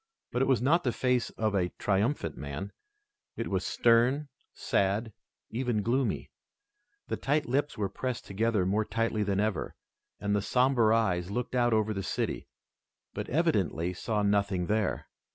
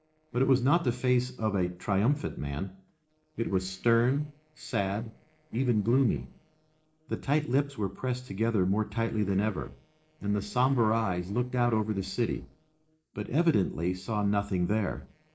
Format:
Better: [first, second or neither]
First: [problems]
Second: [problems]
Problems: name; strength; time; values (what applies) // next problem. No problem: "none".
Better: first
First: none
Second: noise reduction (neural separator model SepFormer DNS4)